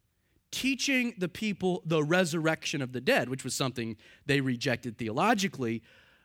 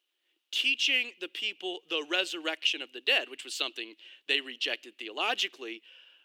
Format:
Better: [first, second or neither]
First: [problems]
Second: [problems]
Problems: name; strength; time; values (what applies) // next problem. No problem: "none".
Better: first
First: none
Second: thin; somewhat; fading below 300 Hz